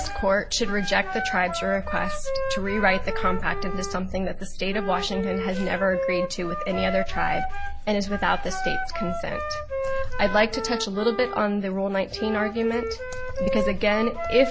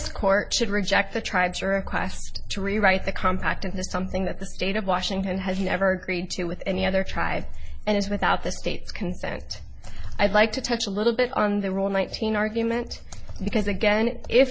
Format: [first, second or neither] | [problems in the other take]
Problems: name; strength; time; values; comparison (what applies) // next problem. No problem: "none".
second | background sound (Wind instrument, woodwind instrument); 6 dB below the speech